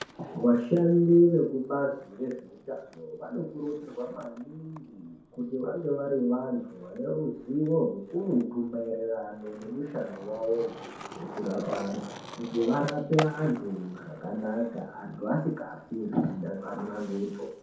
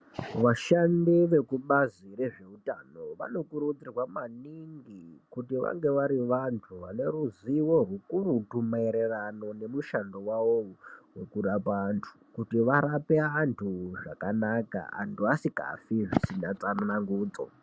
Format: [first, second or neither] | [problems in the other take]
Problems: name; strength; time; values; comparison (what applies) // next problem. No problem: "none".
second | background sound (Skateboard); 16 dB below the speech // room echo; dies away in 0.6 s